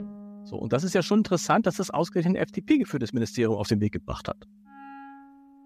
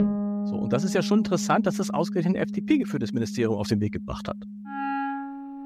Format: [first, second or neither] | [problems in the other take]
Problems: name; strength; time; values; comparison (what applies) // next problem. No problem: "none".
first | background music; loud; throughout; 5 dB below the speech; faint in the first